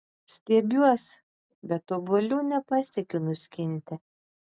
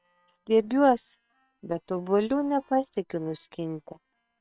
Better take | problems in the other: first | noise reduction (neural separator model SepFormer WHAM!)

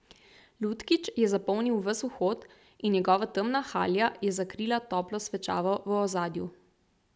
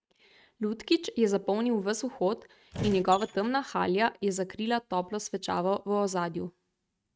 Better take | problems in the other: first | noise reduction (neural mask model RNNoise)

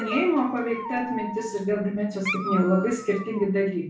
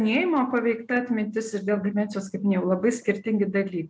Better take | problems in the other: second | background sound (Dog); 10 dB below the speech // room echo; dies away in 0.3 s

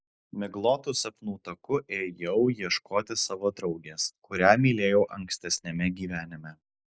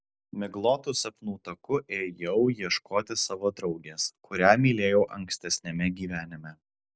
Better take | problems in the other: second | noise reduction (neural mask model Resemble Enhance denoiser)

